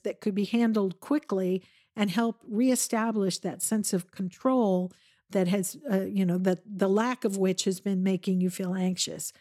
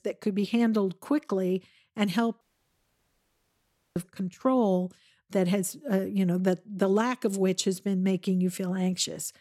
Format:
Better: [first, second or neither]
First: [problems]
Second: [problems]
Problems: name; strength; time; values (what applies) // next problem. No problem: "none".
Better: first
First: none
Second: audio cutting out; at 2.5 s for 1.5 s